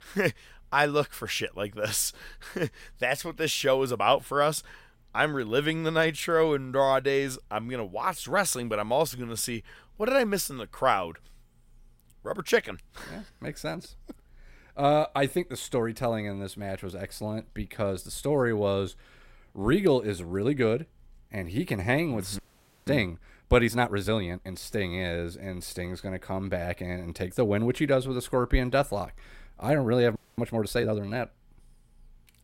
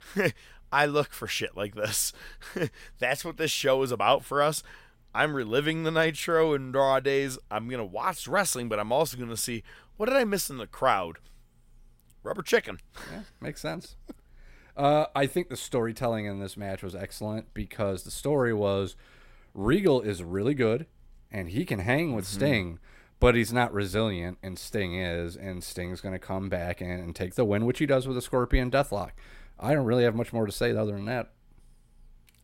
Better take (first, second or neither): second